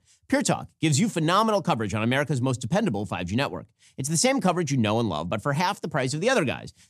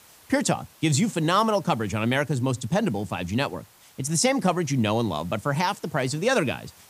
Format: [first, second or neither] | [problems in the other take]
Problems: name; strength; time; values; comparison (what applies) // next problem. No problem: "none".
first | hiss; faint; throughout; 25 dB below the speech